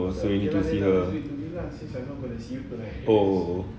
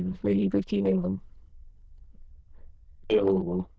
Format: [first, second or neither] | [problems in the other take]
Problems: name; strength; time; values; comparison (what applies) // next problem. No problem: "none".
first | noise reduction (neural diffusion model UNIVERSE++)